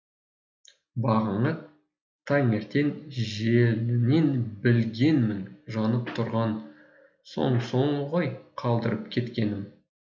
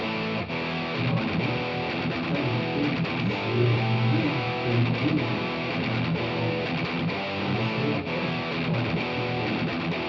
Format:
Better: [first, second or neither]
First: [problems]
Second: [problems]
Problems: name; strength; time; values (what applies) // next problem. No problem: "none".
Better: first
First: none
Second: background sound (Guitar); 2 dB above the speech // room echo; dies away in 1.2 s